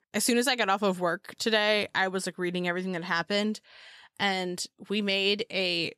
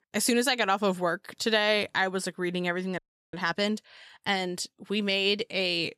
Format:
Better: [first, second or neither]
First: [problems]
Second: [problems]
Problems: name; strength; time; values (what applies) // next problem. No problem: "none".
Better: first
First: none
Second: audio freezing; at 3 s